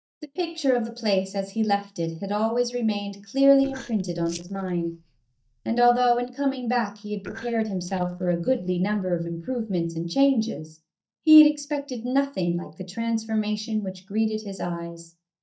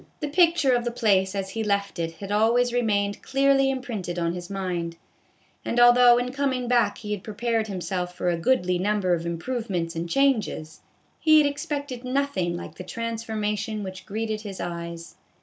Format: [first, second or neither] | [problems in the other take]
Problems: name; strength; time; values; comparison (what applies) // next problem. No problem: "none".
second | noise reduction (neural mask model DeepFilterNet 3)